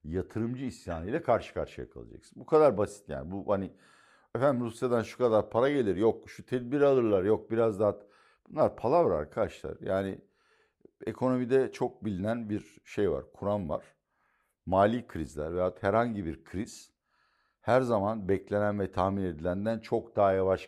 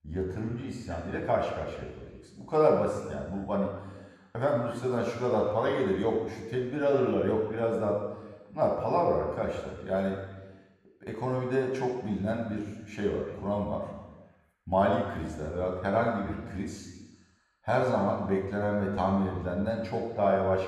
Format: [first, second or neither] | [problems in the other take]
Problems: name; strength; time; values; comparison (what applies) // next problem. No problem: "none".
first | room echo; noticeable; dies away in 1.3 s // off-mic speech; somewhat distant